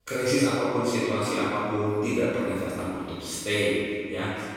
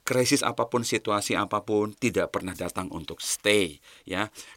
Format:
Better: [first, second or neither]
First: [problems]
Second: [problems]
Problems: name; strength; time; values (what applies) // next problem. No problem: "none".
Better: second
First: off-mic speech; far // room echo; strong; dies away in 2.1 s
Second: none